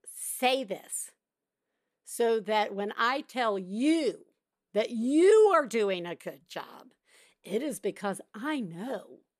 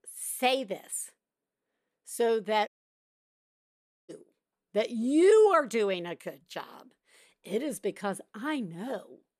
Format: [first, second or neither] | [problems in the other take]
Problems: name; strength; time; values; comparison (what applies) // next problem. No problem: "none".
first | audio cutting out; at 2.5 s for 1.5 s